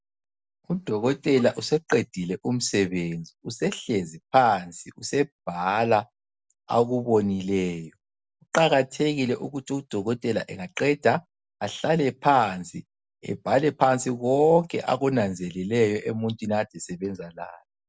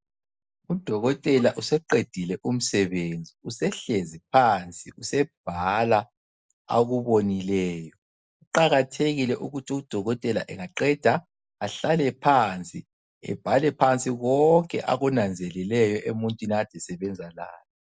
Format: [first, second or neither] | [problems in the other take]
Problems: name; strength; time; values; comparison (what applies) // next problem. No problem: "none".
first | noise reduction (neural mask model Resemble Enhance denoiser)